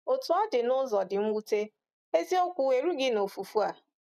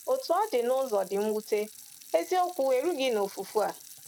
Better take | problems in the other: first | background sound (Sink (filling or washing) / Water tap, faucet); 19 dB below the speech

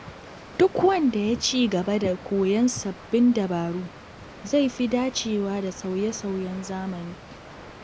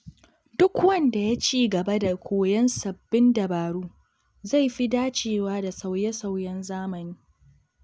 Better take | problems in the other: second | background sound (Water); 18 dB below the speech

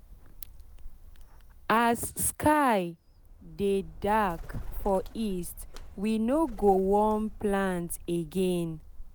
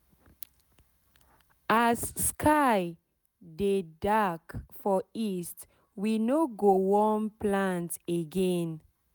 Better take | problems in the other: second | background sound (Bird); 13 dB below the speech

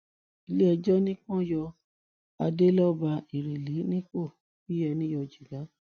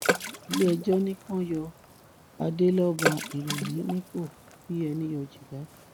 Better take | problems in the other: first | background sound (Water / Splash, splatter); 6 dB below the speech

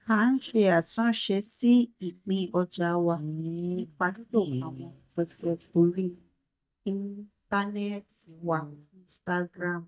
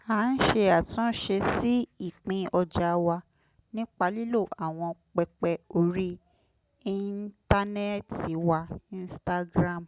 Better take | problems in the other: second | noise reduction (neural mask model DeepFilterNet 3)

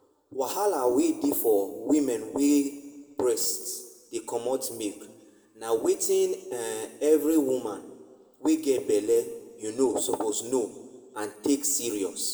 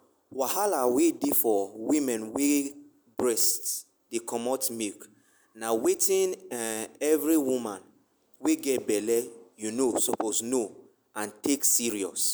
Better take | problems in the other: second | room echo; dies away in 1 s

